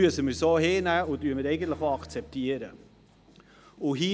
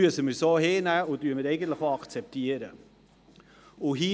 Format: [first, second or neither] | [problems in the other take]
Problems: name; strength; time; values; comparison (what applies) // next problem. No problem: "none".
second | background sound (Bass guitar); 18 dB below the speech